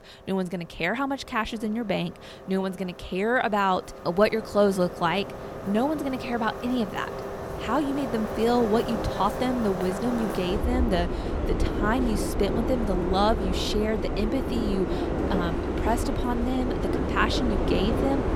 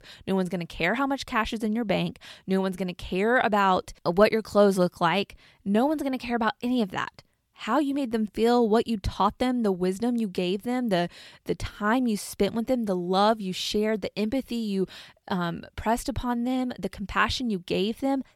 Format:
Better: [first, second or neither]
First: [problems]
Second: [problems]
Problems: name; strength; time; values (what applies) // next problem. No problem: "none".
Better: second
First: train or aircraft noise; loud; throughout; 3 dB below the speech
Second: none